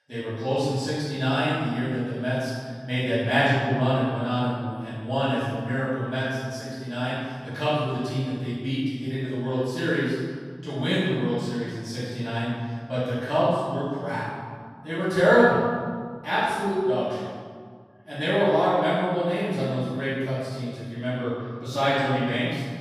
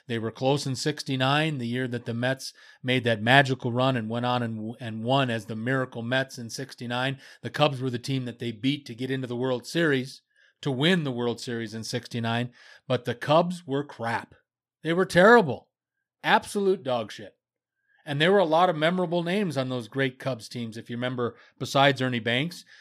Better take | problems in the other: second | off-mic speech; far // room echo; strong; dies away in 1.8 s

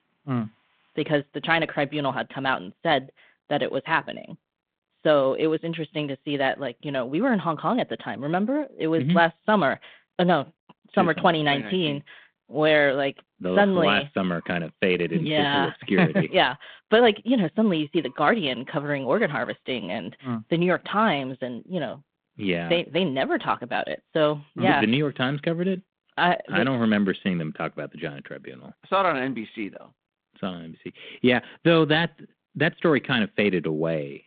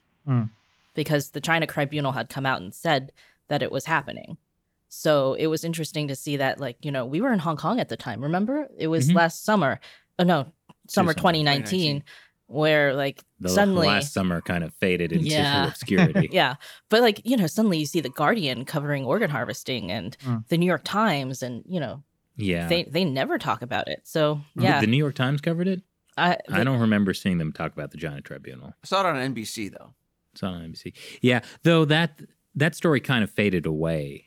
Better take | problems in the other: second | phone-call audio

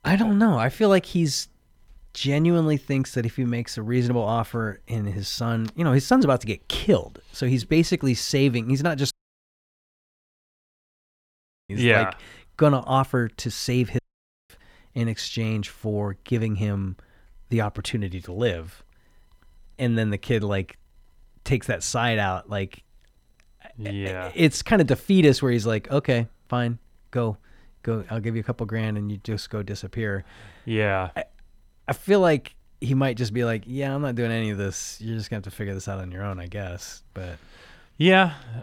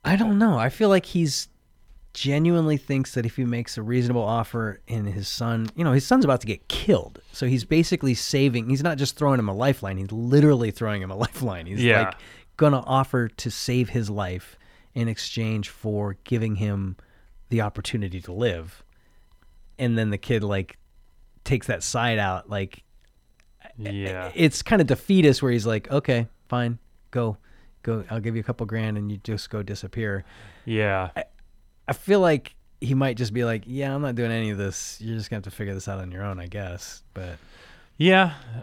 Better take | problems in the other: second | audio cutting out; at 9 s for 2.5 s and at 14 s for 0.5 s

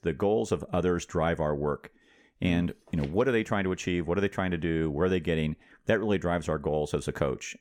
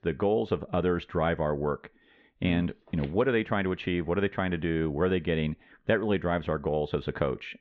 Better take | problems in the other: first | muffled; very; fading above 4 kHz

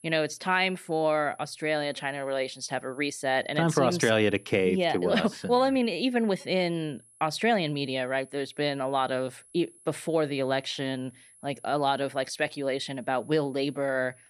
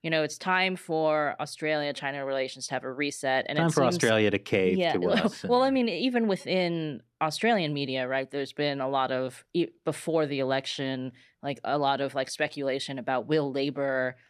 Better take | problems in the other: second | high-pitched whine; faint; throughout; 10.5 kHz, 25 dB below the speech

